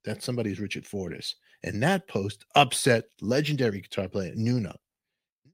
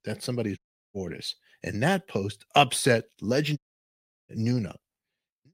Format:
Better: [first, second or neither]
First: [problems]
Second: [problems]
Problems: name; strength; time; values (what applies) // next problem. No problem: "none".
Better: first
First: none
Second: audio cutting out; at 0.5 s and at 3.5 s for 0.5 s